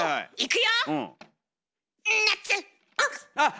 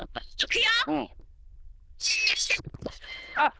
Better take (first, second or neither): first